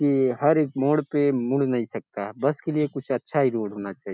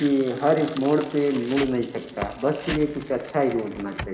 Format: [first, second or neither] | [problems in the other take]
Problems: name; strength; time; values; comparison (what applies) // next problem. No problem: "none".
first | background sound (Tearing); 14 dB below the speech // room echo; dies away in 2 s